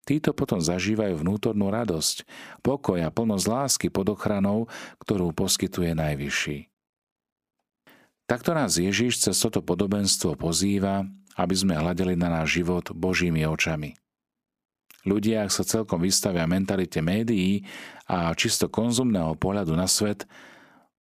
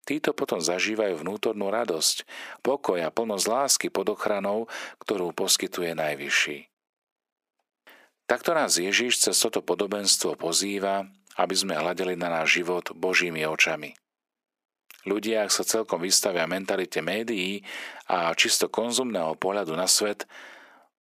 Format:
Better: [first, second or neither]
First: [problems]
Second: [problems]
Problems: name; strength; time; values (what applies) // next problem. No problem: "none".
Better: first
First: none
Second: thin; somewhat; fading below 450 Hz